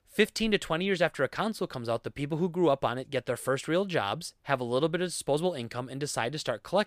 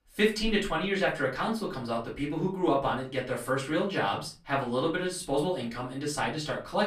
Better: first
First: none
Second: off-mic speech; far // room echo; slight; dies away in 0.3 s

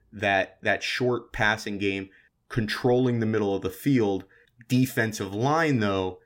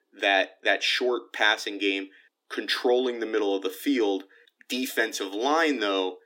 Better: first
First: none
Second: thin; very slightly; fading below 300 Hz

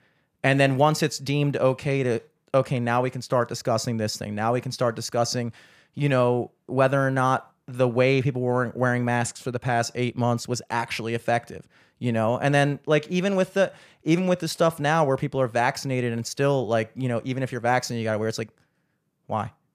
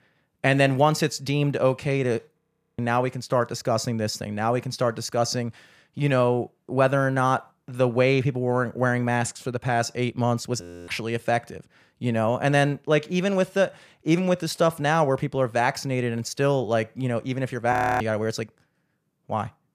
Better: first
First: none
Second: audio freezing; at 2.5 s, at 11 s and at 18 s

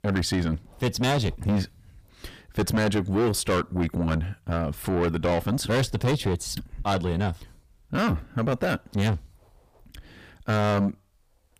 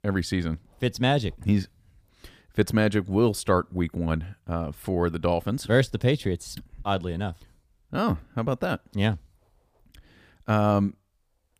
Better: second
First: distortion; heavy; 5 dB below the speech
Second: none

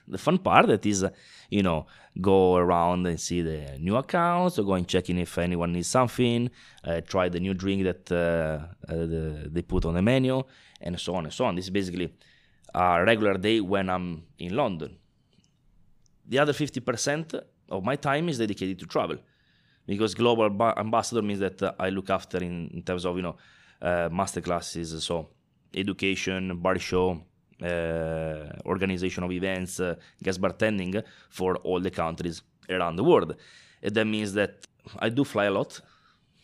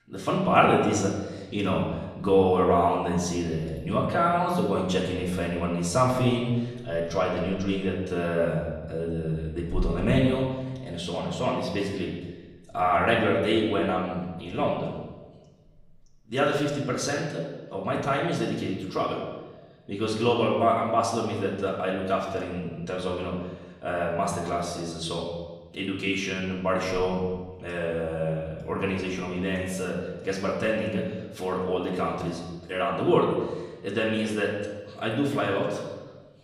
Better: first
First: none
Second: room echo; noticeable; dies away in 1.1 s // off-mic speech; far

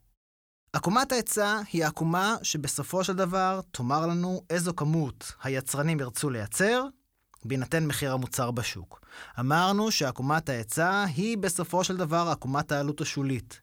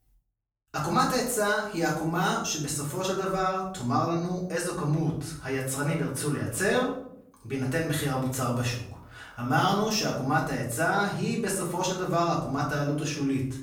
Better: first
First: none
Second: off-mic speech; far // room echo; noticeable; dies away in 0.6 s

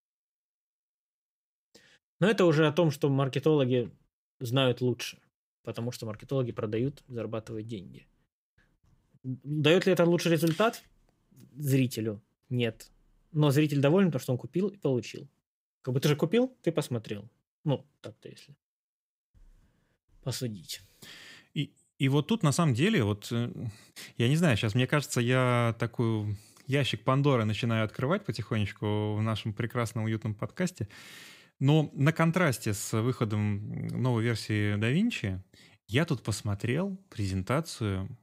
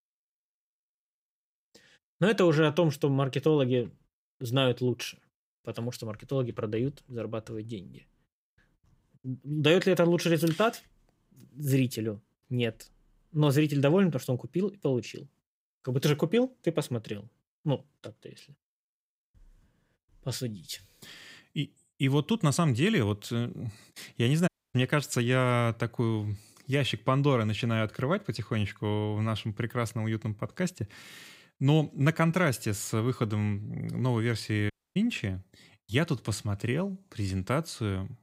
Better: first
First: none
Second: audio cutting out; at 24 s and at 35 s

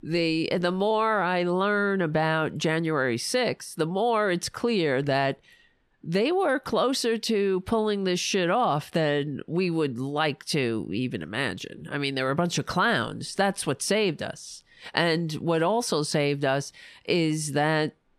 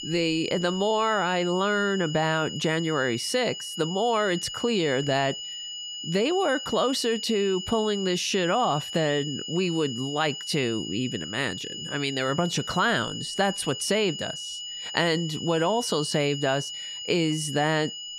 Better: first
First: none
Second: high-pitched whine; loud; throughout; 3 kHz, 8 dB below the speech

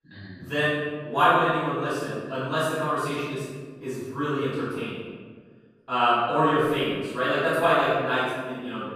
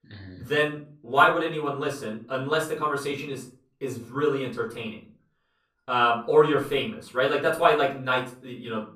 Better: second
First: room echo; strong; dies away in 1.4 s // off-mic speech; far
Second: room echo; slight; dies away in 0.3 s // off-mic speech; far

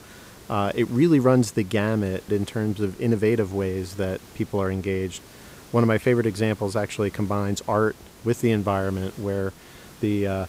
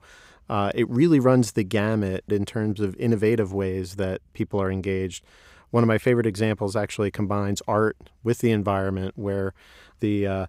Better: second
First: hiss; faint; throughout; 20 dB below the speech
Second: none

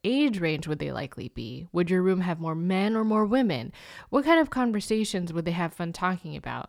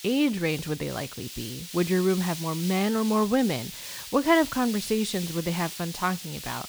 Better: first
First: none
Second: hiss; loud; throughout; 10 dB below the speech

